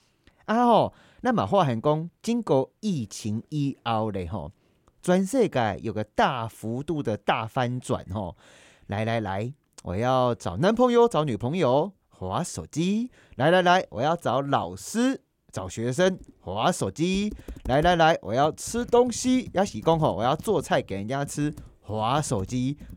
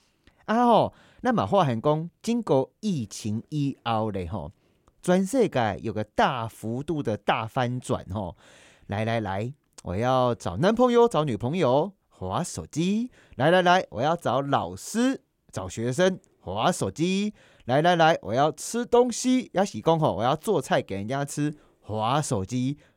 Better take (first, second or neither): second